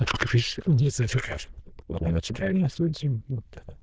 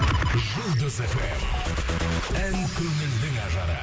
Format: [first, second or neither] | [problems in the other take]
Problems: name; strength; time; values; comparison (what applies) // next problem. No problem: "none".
second | noise reduction (neural diffusion model UNIVERSE++)